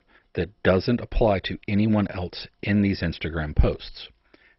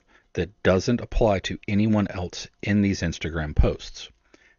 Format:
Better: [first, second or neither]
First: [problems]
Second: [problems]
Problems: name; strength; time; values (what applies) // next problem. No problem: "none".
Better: second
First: garbled, watery; badly; nothing above 5.5 kHz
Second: garbled, watery; slightly; nothing above 6.5 kHz